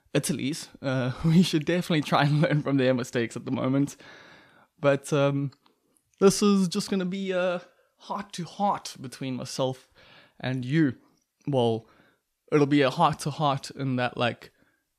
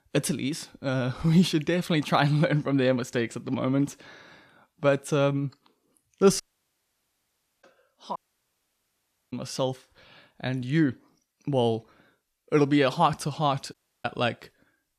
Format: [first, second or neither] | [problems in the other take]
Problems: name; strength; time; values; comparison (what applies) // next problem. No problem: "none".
first | audio cutting out; at 6.5 s for 1 s, at 8 s for 1 s and at 14 s